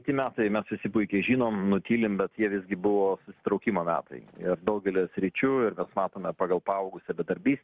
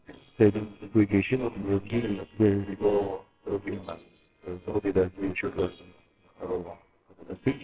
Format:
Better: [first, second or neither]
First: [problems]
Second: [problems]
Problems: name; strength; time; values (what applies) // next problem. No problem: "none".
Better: first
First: none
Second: noise reduction (neural separator model SepFormer WHAMR!)